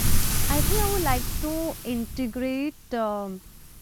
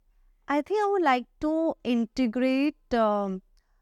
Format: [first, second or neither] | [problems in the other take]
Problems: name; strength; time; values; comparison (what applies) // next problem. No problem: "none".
second | rain or running water; very loud; throughout; 3 dB above the speech